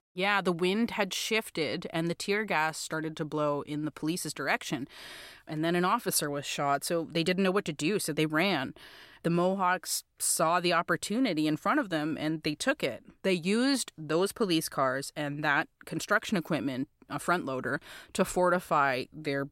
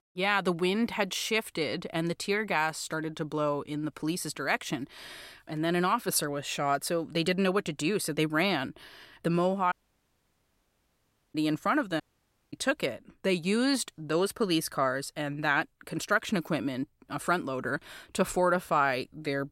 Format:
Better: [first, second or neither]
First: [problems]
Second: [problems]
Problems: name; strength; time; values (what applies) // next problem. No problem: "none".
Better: first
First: none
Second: audio cutting out; at 9.5 s for 1.5 s and at 12 s for 0.5 s